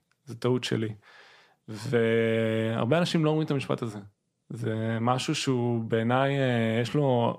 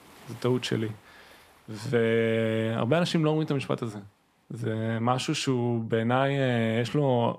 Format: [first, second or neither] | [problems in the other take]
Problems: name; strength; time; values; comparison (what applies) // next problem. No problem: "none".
first | rain or running water; faint; throughout; 30 dB below the speech